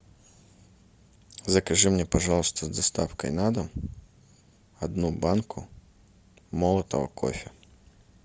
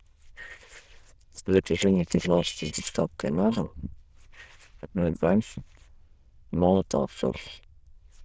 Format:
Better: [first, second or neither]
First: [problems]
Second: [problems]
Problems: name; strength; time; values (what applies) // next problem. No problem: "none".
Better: first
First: none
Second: noise reduction (neural diffusion model UNIVERSE++)